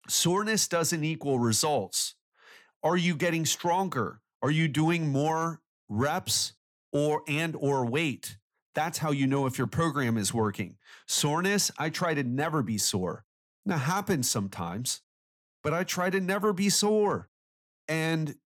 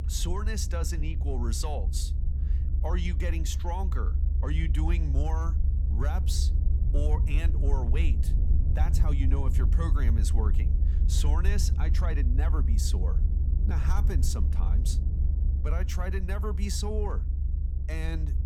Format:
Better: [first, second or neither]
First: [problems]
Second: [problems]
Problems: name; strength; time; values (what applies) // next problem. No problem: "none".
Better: first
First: none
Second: low rumble; loud; throughout; 7 dB below the speech